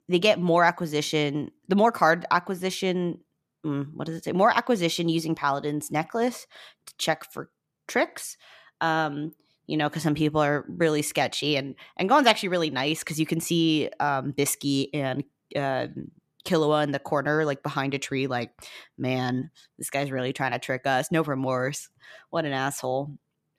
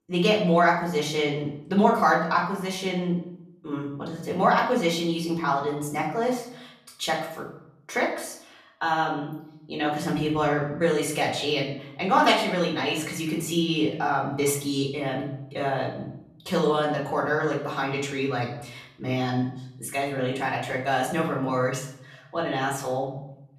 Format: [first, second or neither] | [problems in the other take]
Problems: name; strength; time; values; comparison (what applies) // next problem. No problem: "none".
first | off-mic speech; far // room echo; slight; dies away in 0.6 s